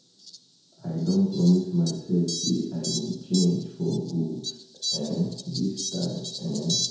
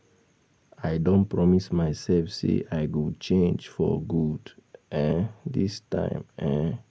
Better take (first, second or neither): second